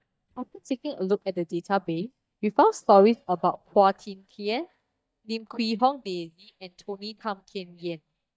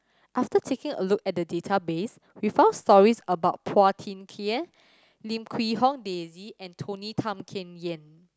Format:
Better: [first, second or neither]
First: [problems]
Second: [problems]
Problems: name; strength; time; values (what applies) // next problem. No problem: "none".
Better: second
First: noise reduction (neural mask model DeepFilterNet 3)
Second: none